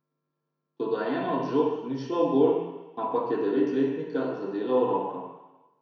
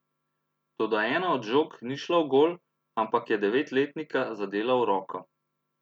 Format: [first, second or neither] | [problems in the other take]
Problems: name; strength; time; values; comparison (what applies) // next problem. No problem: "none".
second | room echo; dies away in 1 s